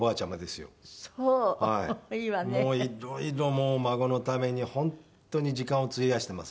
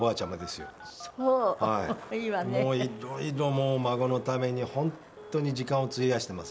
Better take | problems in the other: first | background sound (Skateboard + Telephone); 17 dB below the speech

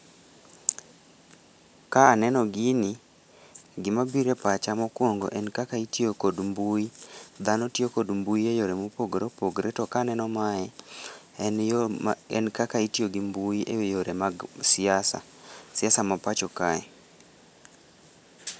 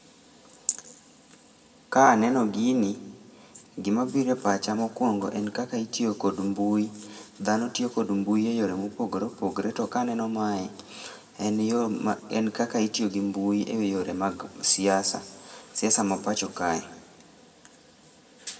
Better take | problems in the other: first | room echo; dies away in 0.9 s

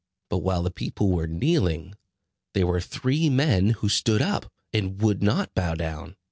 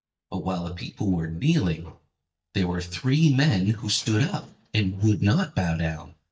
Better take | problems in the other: first | noise reduction (neural mask model DeepFilterNet 3)

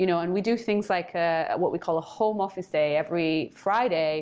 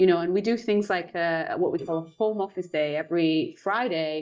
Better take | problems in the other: first | noise reduction (neural mask model DeepFilterNet 3)

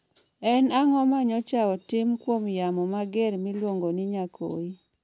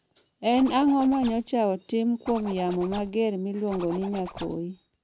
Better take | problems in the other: first | background sound (Zipper (clothing)); 16 dB below the speech

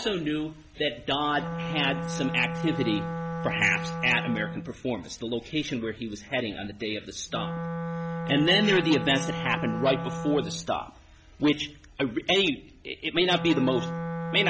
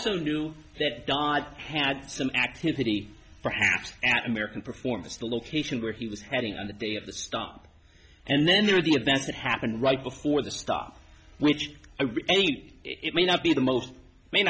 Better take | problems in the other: second | background sound (Wind instrument, woodwind instrument); 7 dB below the speech

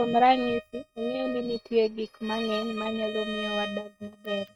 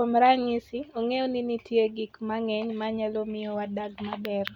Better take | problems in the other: second | noise reduction (neural mask model RNNoise)

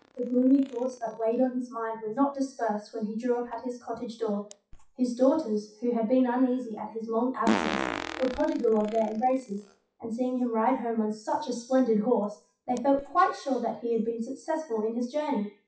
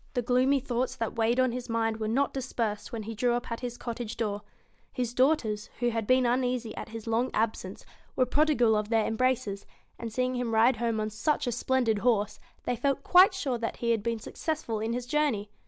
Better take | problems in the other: second | noise reduction (classical method WPE with log-MMSE)

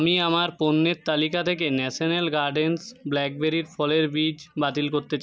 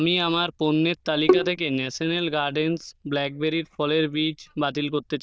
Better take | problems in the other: first | noise reduction (neural diffusion model UNIVERSE++)

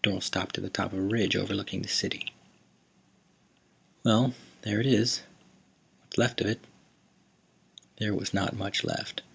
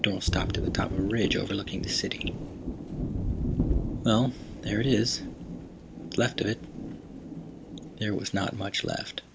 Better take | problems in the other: first | background sound (Thunder); 3 dB below the speech

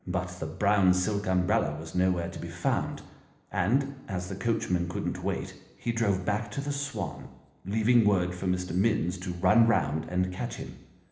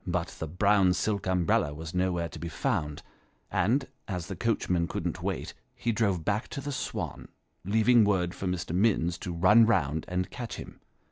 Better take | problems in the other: second | room echo; dies away in 1 s

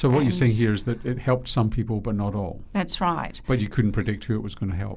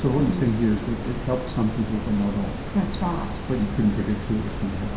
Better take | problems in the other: first | background sound (Water); 6 dB below the speech // room echo; dies away in 0.7 s

